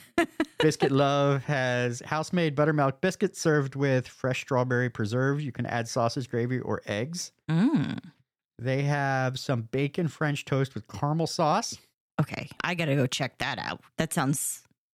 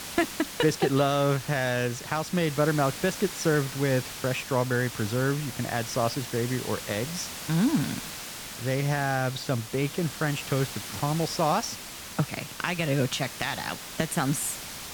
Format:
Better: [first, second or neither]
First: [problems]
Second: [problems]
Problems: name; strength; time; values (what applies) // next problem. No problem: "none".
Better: first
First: none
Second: hiss; loud; throughout; 9 dB below the speech